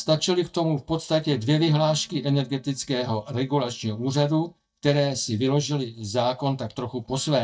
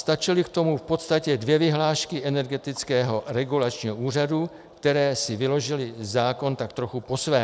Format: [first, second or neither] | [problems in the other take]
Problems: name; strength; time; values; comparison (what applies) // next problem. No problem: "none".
second | noise reduction (neural mask model DeepFilterNet 3)